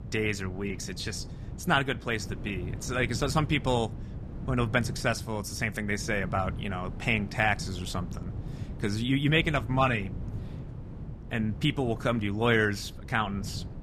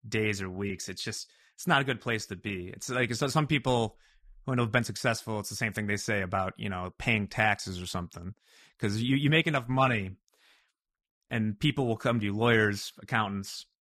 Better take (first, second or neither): second